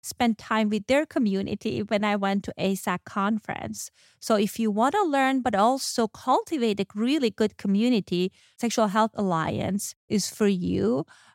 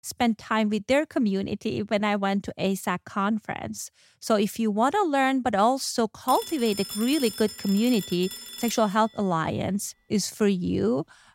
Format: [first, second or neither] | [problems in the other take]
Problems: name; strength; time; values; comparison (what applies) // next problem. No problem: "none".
first | phone ringing; noticeable; from 6.5 to 9 s; peak 7 dB below the speech